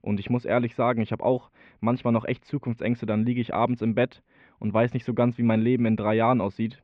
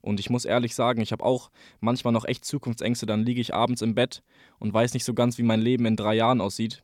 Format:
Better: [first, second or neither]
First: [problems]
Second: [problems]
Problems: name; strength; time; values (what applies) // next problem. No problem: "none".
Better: second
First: muffled; very; fading above 2.5 kHz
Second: none